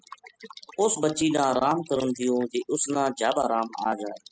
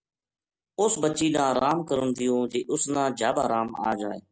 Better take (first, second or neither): second